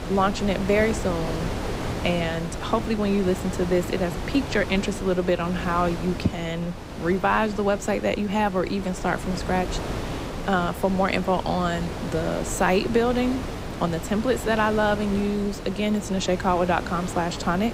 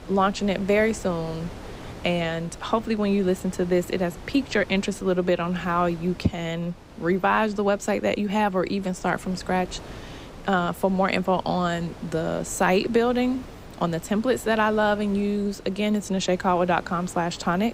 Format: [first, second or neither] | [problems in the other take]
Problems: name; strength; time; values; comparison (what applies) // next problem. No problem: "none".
second | wind noise on the microphone; heavy; 9 dB below the speech; occasional gusts in the second